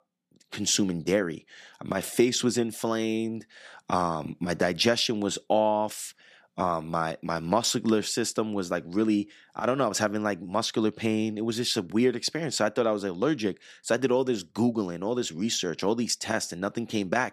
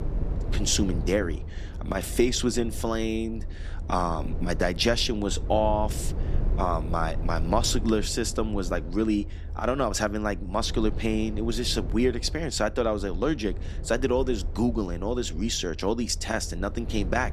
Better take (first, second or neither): first